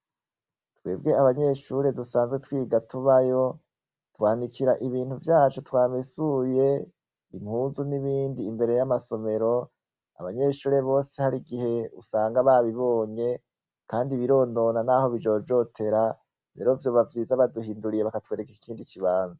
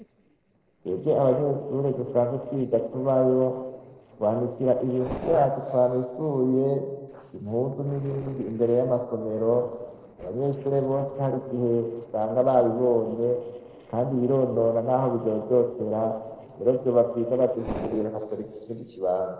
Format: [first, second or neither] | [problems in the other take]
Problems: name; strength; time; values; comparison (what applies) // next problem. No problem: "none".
first | noise reduction (neural separator model SepFormer DNS4)